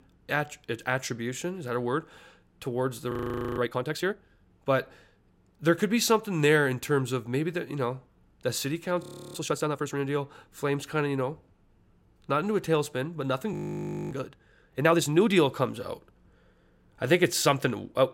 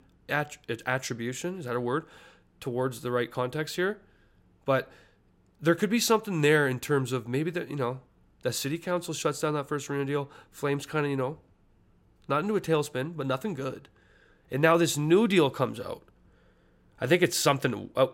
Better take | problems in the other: second | audio freezing; at 3 s, at 9 s and at 14 s for 0.5 s

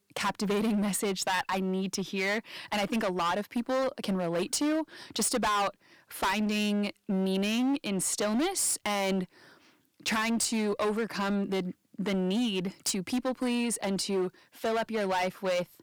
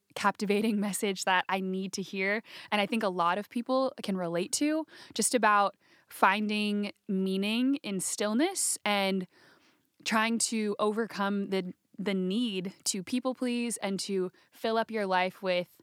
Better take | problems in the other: second | distortion; heavy; 17% of the sound clipped

